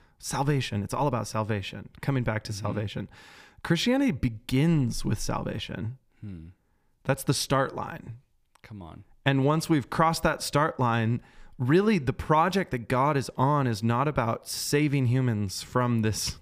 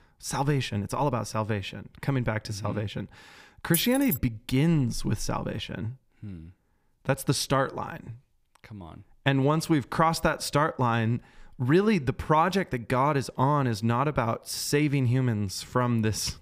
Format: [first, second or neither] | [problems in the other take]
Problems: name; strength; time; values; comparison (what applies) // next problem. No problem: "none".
first | jangling keys; noticeable; at 3.5 s; peak 3 dB below the speech